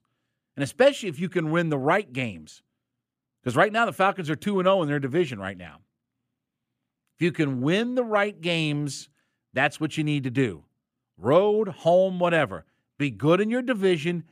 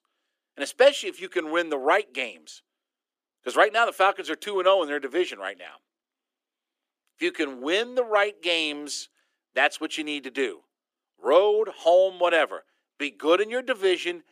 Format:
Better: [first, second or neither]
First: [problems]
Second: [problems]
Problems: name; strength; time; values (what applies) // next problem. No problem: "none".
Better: first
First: none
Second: thin; somewhat; fading below 350 Hz